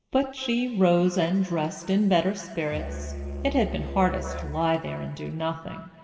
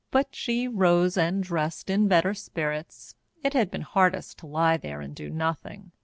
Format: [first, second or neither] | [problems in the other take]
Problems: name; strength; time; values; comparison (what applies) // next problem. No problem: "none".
second | background sound (Musical instrument); 8 dB below the speech // room echo; dies away in 2.3 s